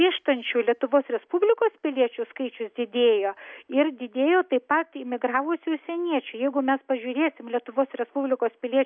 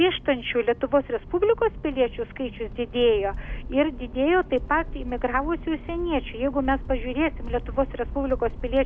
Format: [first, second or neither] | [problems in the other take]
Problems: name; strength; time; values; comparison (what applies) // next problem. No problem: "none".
first | background sound (Accelerating, revving, vroom); 10 dB below the speech